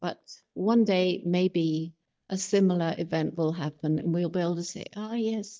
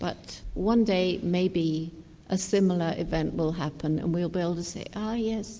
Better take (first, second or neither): second